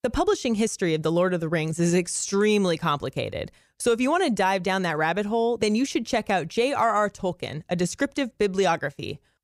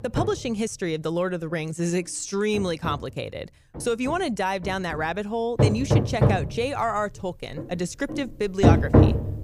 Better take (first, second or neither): first